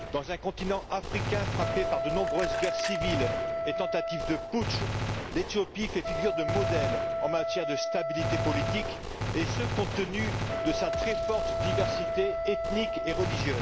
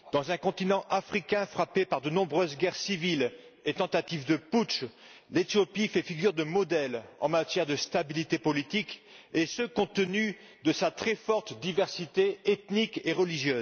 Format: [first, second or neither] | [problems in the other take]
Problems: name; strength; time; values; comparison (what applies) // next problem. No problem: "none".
second | background sound (Gunshot, gunfire + Wind instrument, woodwind instrument); 2 dB above the speech